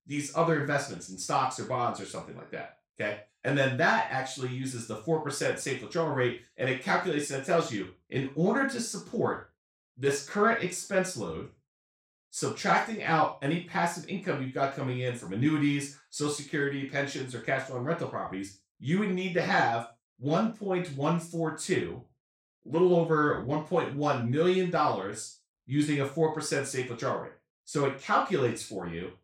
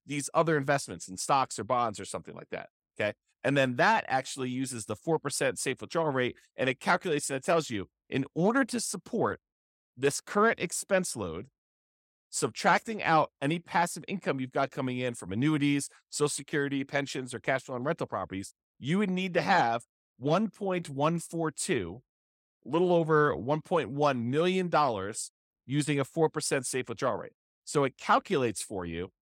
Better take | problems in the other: second | room echo; noticeable; dies away in 0.3 s // off-mic speech; far

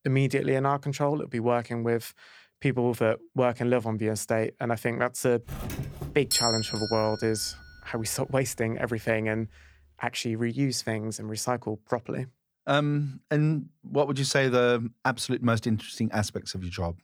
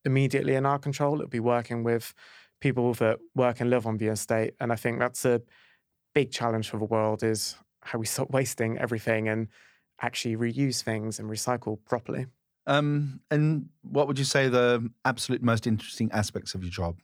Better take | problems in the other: second | doorbell; loud; from 5.5 to 7 s; peak 3 dB above the speech

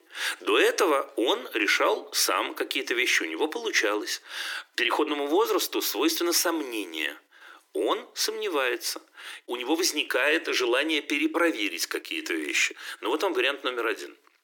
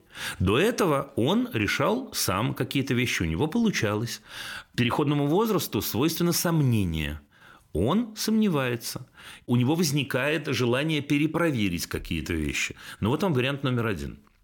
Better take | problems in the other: second | thin; very; fading below 300 Hz

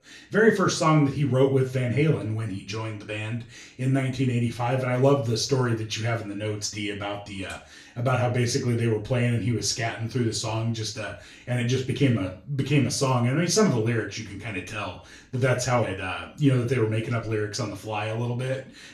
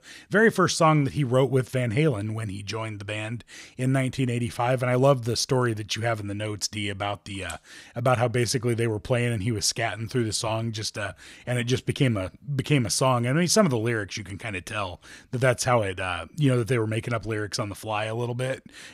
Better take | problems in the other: second | room echo; slight; dies away in 0.4 s // off-mic speech; far

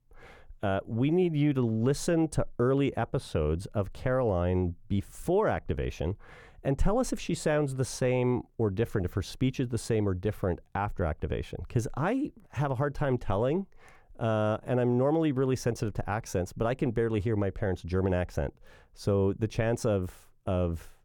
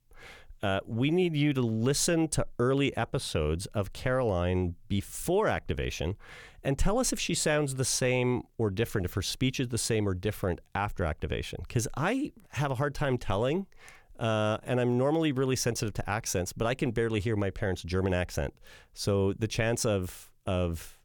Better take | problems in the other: second | muffled; slightly; fading above 2 kHz

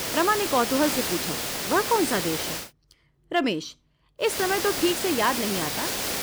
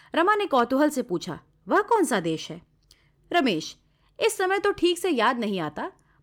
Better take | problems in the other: second | hiss; loud; until 2.5 s and from 4.5 s on; 2 dB below the speech

